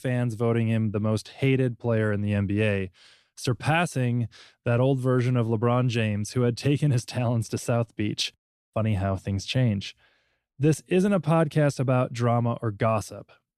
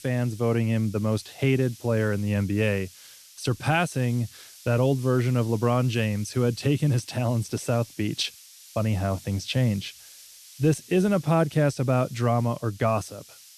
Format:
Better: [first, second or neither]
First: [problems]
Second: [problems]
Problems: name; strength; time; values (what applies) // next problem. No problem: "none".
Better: first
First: none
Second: hiss; faint; throughout; 20 dB below the speech